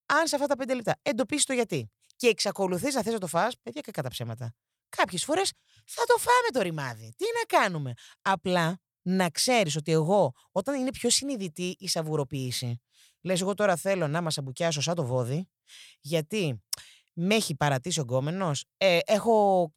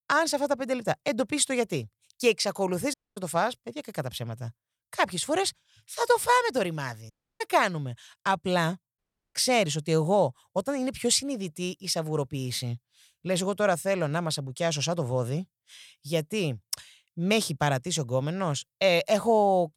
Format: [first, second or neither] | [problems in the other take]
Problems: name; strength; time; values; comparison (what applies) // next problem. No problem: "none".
first | audio cutting out; at 3 s, at 7 s and at 9 s